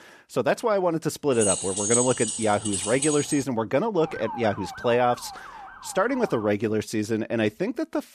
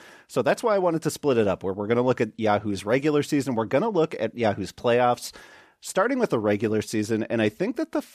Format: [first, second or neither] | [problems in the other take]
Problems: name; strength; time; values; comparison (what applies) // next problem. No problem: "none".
second | jangling keys; loud; from 1.5 to 3.5 s; peak 2 dB above the speech // siren; faint; from 4 to 6.5 s; peak 10 dB below the speech